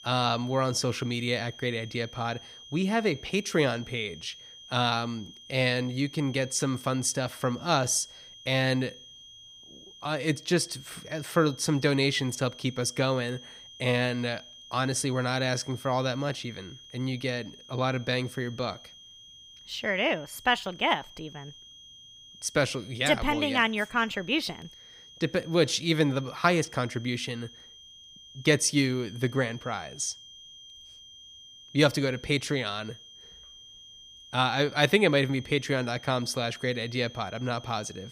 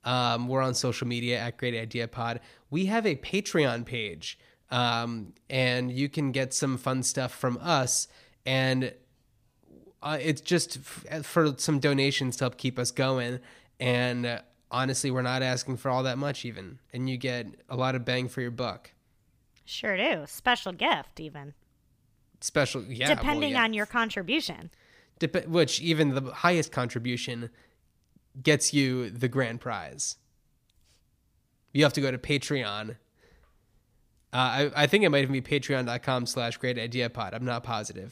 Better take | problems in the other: second | high-pitched whine; noticeable; throughout; 3 kHz, 20 dB below the speech

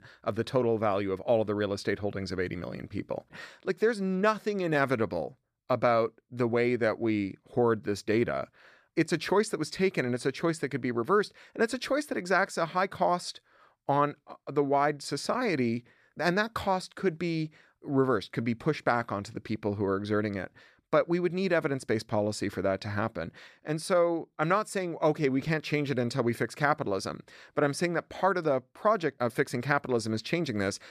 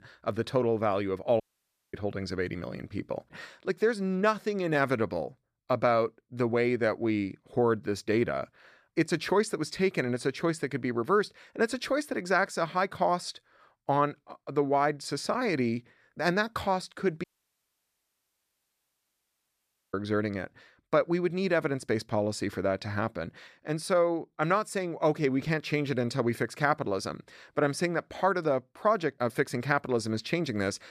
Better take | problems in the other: first | audio cutting out; at 1.5 s for 0.5 s and at 17 s for 2.5 s

